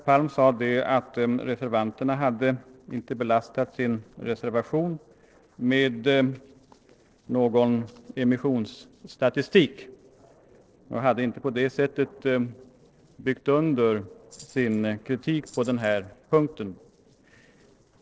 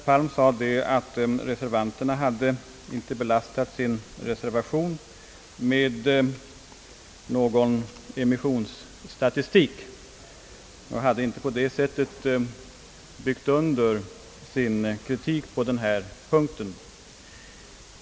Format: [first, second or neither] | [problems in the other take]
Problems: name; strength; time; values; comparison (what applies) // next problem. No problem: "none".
second | noise reduction (neural separator model SepFormer DNS4)